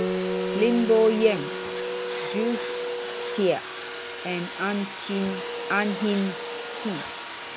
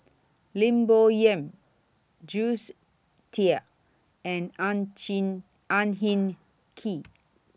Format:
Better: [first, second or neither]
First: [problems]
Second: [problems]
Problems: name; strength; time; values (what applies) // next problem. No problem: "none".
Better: second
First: background sound (Domestic sounds, home sounds + Guitar); 4 dB below the speech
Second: none